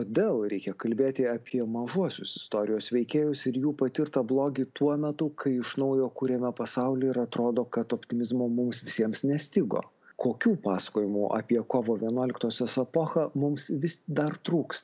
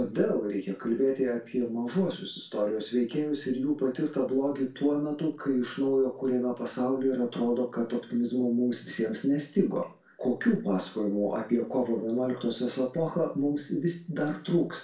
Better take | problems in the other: first | room echo; dies away in 0.3 s

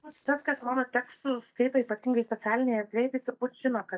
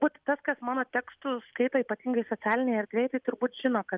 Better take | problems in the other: second | noise reduction (neural mask model DeepFilterNet 3)

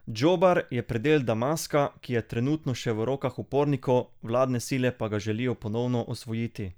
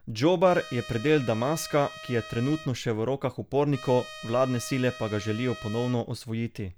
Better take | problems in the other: first | background sound (Trumpet); 16 dB below the speech

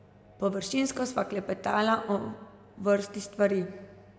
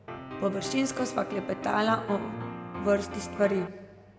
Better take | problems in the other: first | background sound (Piano); 8 dB below the speech

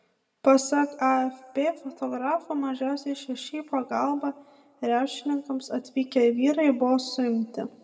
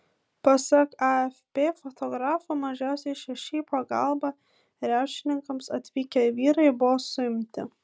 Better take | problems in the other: second | room echo; dies away in 1.2 s

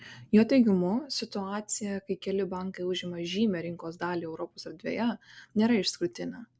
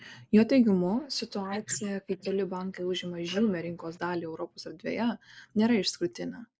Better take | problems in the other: first | noise reduction (neural mask model Resemble Enhance denoiser)

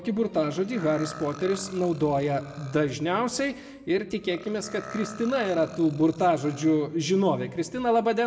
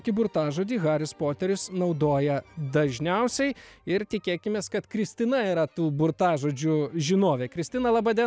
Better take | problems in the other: second | background sound (Burping, eructation); 18 dB below the speech // room echo; dies away in 0.7 s

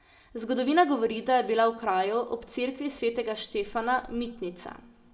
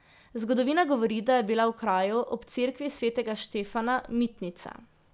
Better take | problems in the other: second | room echo; dies away in 0.6 s

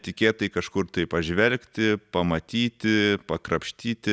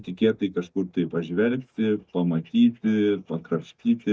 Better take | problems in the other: first | noise reduction (neural mask model DeepFilterNet 3)

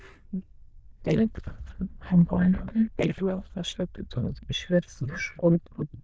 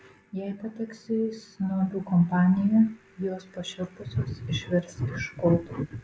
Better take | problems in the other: second | noise reduction (neural diffusion model UNIVERSE++)

